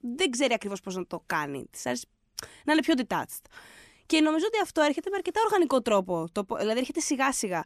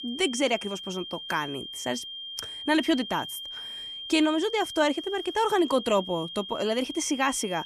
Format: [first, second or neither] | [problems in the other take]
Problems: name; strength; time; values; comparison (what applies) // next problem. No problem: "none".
first | high-pitched whine; loud; throughout; 3 kHz, 9 dB below the speech